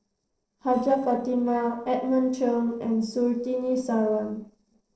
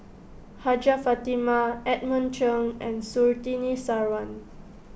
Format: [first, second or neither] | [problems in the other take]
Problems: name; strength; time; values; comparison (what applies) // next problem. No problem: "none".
second | noise reduction (neural separator model SepFormer DNS4)